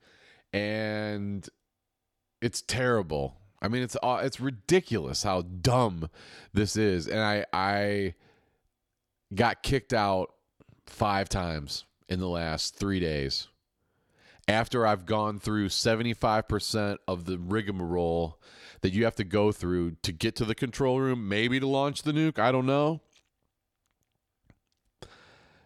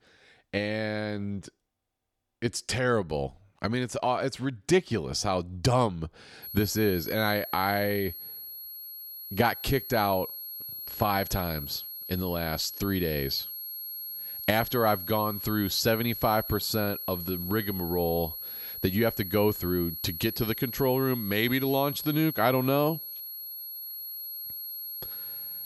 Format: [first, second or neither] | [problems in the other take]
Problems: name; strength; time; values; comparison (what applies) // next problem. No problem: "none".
first | high-pitched whine; loud; from 6.5 s on; 11.5 kHz, 7 dB below the speech